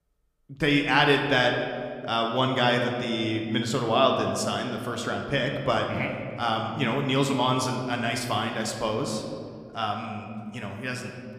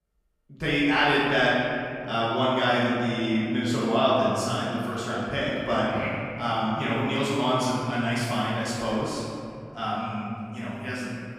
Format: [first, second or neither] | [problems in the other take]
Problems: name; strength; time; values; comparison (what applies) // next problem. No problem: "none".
first | room echo; strong; dies away in 2.5 s; slight in the first // off-mic speech; far